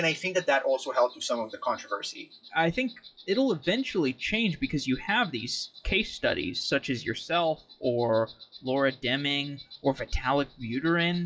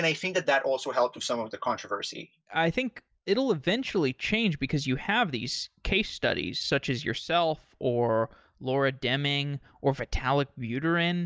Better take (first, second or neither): second